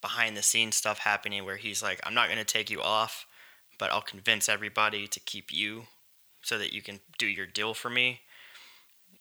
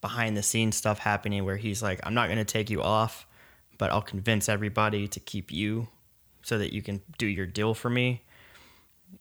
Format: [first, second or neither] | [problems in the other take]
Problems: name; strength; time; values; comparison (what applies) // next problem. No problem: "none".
second | thin; somewhat; fading below 1 kHz